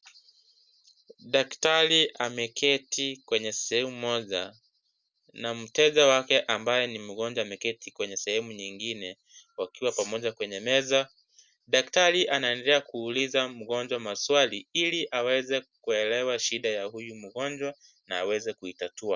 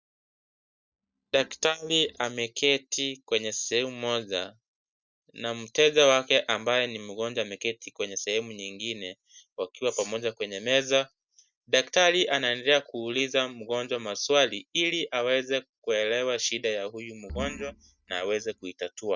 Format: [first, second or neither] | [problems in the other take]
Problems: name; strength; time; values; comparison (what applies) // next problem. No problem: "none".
first | noise reduction (neural mask model DeepFilterNet 3)